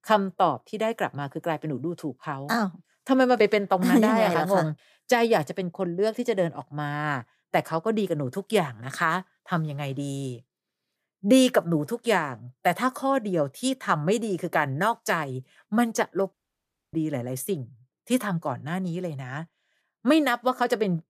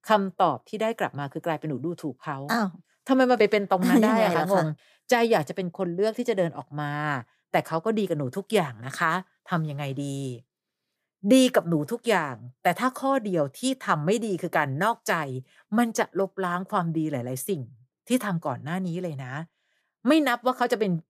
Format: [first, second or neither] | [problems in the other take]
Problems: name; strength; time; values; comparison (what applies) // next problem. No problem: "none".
second | audio cutting out; at 16 s for 0.5 s